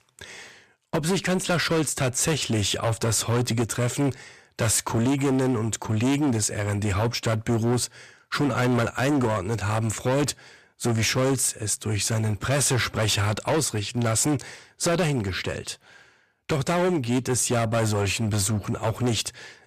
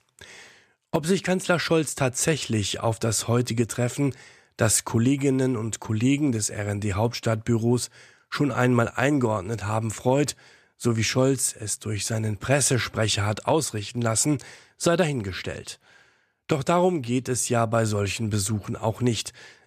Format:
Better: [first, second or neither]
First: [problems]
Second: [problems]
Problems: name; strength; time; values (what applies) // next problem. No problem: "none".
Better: second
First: distortion; heavy; 17% of the sound clipped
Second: none